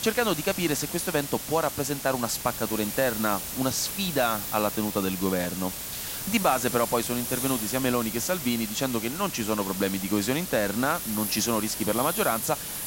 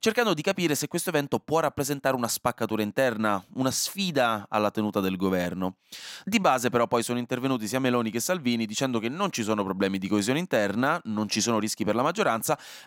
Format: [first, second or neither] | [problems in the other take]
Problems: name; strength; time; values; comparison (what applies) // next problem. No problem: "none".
second | hiss; loud; throughout; 4 dB below the speech